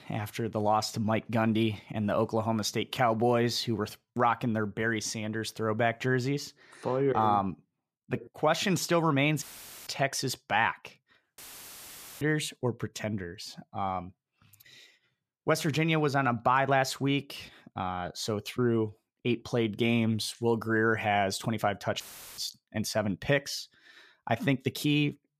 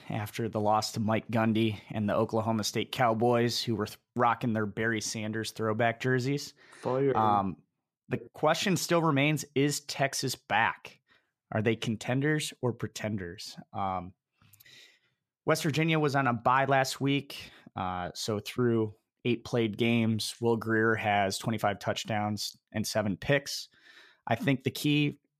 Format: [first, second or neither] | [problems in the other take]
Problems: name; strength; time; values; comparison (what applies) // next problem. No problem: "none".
second | audio cutting out; filled with static; at 9.5 s, at 11 s for 1 s and at 22 s